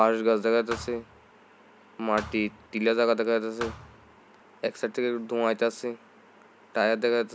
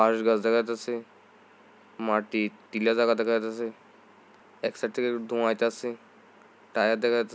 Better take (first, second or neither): second